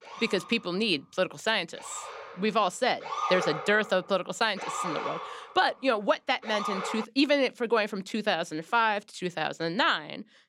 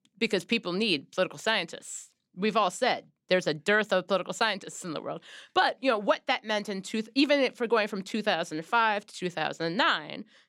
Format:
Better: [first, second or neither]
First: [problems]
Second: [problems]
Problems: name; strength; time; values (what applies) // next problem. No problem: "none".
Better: second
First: siren; noticeable; until 7 s; peak 2 dB below the speech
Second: none